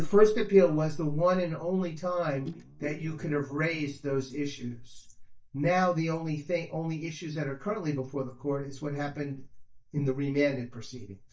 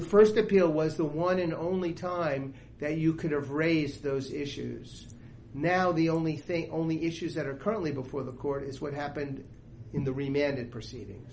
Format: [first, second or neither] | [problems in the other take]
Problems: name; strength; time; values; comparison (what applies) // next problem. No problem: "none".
second | noise reduction (neural mask model DeepFilterNet 3)